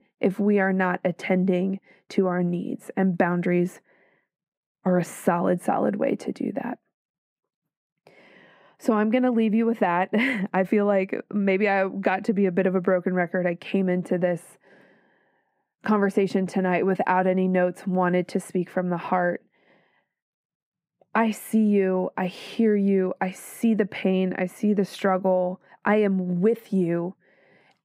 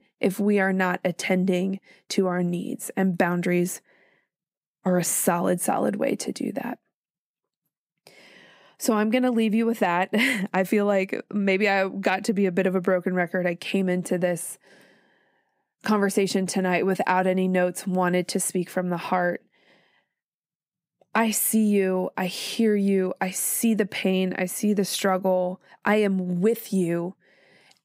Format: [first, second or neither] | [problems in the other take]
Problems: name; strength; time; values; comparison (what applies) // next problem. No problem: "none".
second | muffled; slightly; fading above 3.5 kHz